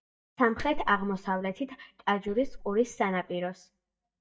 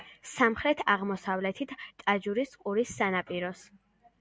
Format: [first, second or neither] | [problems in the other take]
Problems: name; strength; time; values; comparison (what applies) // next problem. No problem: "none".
second | noise reduction (neural mask model DeepFilterNet 3)